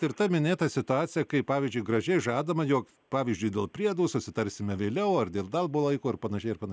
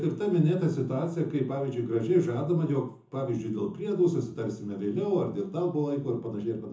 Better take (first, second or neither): first